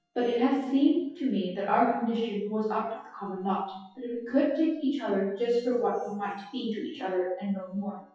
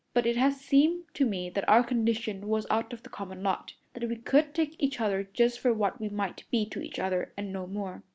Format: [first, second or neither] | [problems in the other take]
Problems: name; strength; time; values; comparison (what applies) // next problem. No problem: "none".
second | noise reduction (classical method WPE with log-MMSE)